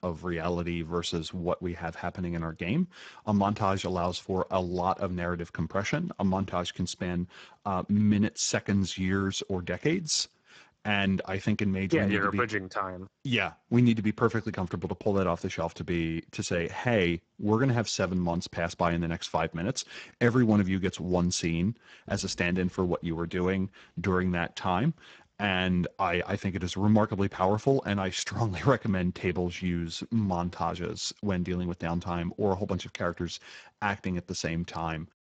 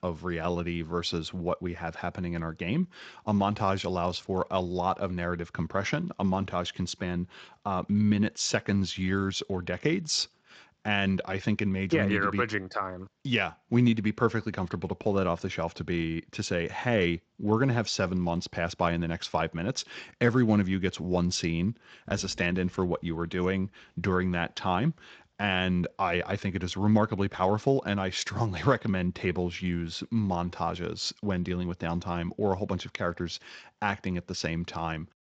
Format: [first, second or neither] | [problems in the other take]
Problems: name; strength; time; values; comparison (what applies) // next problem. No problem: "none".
second | garbled, watery; badly; nothing above 7.5 kHz; slightly in the second